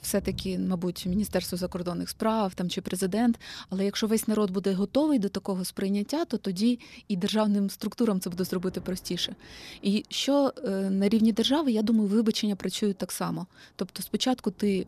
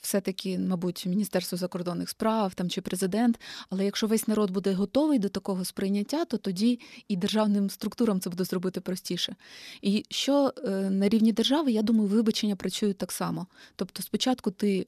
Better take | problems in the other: second | rain or running water; faint; throughout; 25 dB below the speech

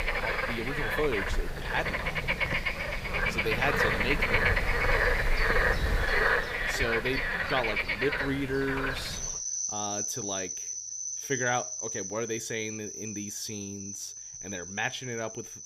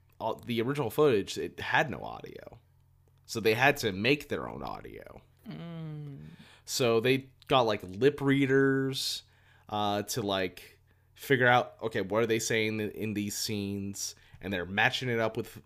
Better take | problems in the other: second | animal sounds; very loud; throughout; 4 dB above the speech

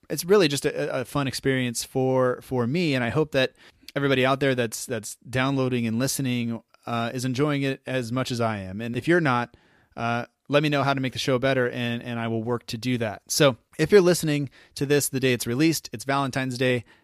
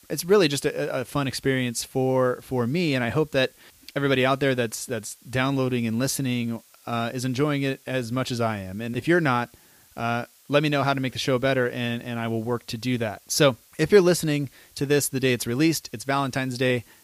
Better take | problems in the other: first | hiss; faint; throughout; 30 dB below the speech

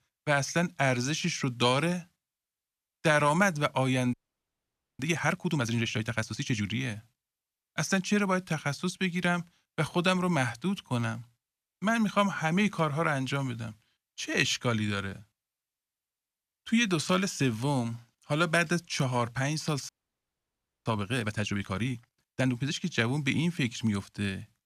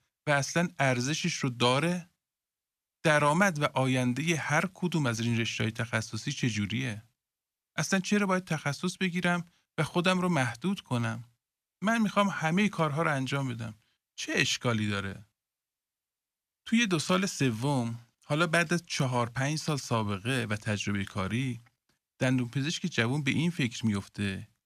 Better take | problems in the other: second | audio freezing; at 4 s for 1 s and at 20 s for 1 s

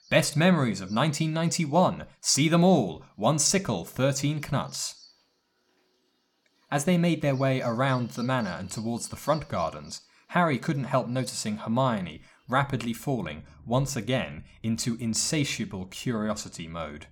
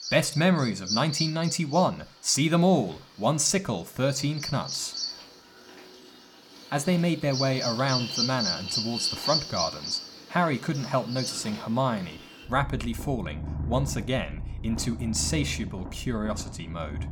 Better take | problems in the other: first | animal sounds; loud; throughout; 5 dB below the speech; faint in the first

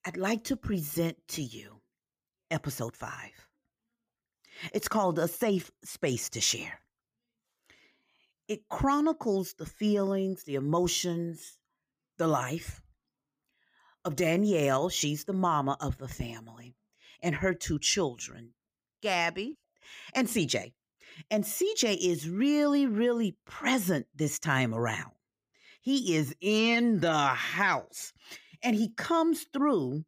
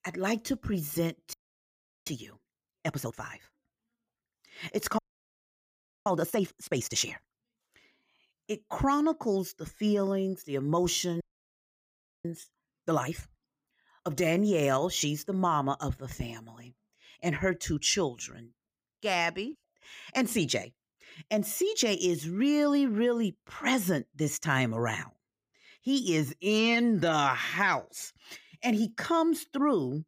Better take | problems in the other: first | audio freezing; at 1.5 s for 0.5 s, at 5 s for 1 s and at 11 s for 1 s

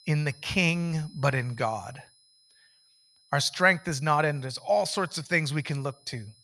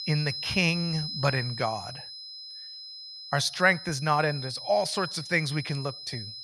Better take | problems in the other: first | high-pitched whine; loud; throughout; 5 kHz, 9 dB below the speech; faint in the first

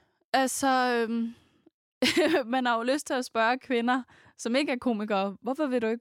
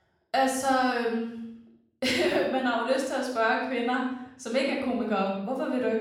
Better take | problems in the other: first | off-mic speech; far // room echo; noticeable; dies away in 0.6 s

